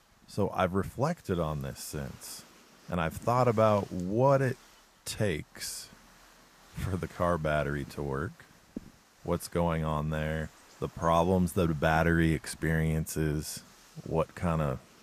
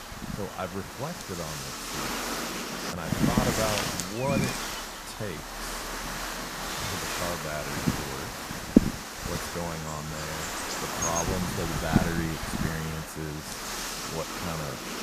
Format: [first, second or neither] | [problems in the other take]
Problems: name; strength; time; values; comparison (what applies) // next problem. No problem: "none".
first | wind noise on the microphone; heavy; 4 dB above the speech; occasional gusts in the first